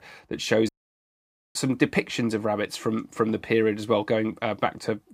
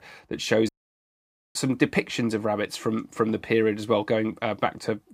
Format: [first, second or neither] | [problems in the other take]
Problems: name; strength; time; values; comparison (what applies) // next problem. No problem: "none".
neither | audio cutting out; at 0.5 s for 1 s; the same in both